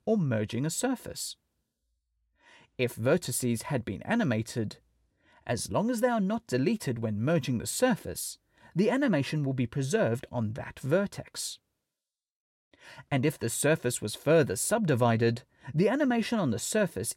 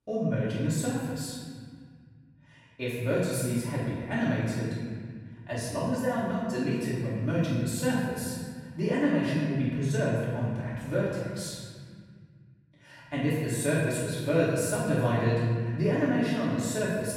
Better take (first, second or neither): first